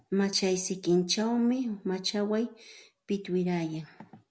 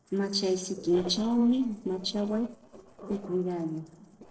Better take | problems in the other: first | noise reduction (neural separator model SepFormer DNS4)

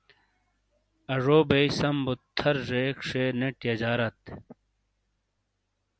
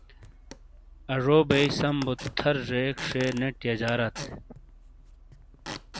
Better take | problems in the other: first | background sound (Squeak / Wood); 14 dB below the speech

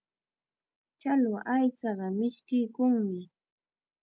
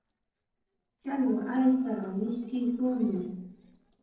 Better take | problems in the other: first | noise reduction (neural separator model SepFormer DNS4)

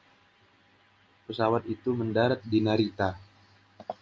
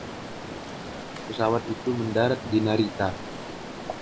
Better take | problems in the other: first | background sound (Stream); 9 dB below the speech

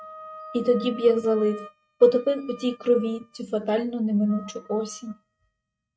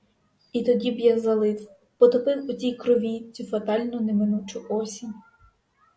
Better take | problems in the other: second | noise reduction (neural mask model RNNoise)

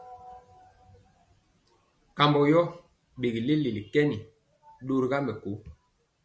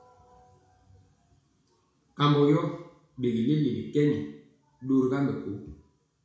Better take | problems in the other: first | room echo; dies away in 0.6 s

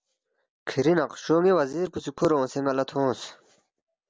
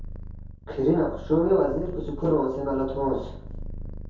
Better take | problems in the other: first | background sound (Purr); 10 dB below the speech // room echo; dies away in 0.6 s

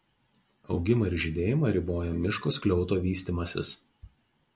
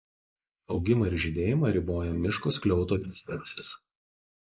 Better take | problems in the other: first | noise reduction (neural mask model Resemble Enhance denoiser)

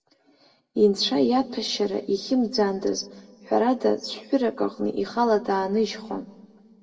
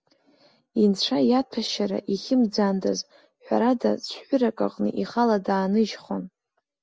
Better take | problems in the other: second | room echo; dies away in 0.9 s

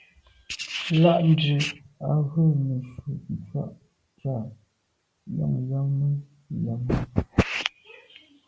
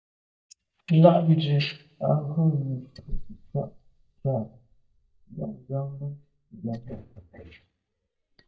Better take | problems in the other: first | noise reduction (neural mask model DeepFilterNet 3)

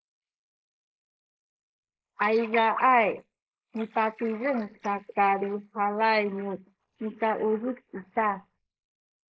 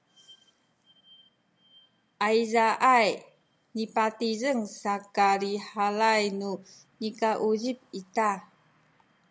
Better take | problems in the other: second | noise reduction (neural mask model Resemble Enhance denoiser)

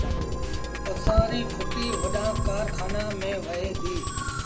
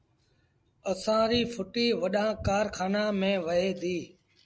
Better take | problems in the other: second | background sound (Musical instrument); 4 dB above the speech // room echo; dies away in 0.4 s

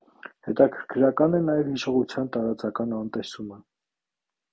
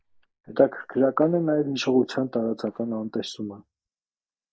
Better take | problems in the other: first | noise reduction (neural mask model DeepFilterNet 3)

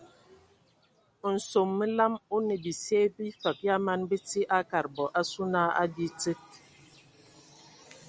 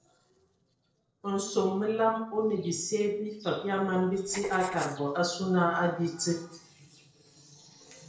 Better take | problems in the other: first | noise reduction (neural separator model SepFormer DNS4)

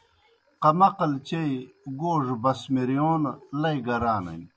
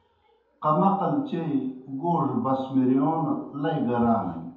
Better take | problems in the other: first | room echo; dies away in 2.1 s

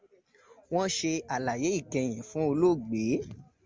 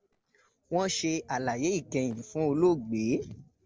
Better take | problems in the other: first | noise reduction (neural separator model SepFormer DNS4)

